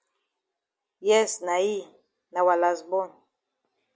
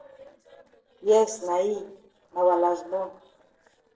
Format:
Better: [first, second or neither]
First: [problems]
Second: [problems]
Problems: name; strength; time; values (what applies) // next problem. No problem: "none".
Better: first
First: none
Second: noise reduction (neural separator model SepFormer DNS4)